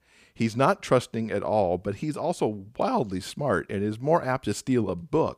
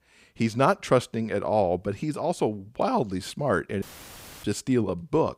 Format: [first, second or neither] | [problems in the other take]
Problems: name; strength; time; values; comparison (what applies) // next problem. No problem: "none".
first | audio cutting out; filled with static; at 4 s for 0.5 s